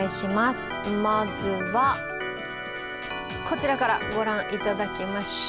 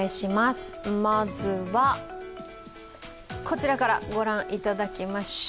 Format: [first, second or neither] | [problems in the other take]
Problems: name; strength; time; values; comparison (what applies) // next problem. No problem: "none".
second | background sound (Organ); 6 dB below the speech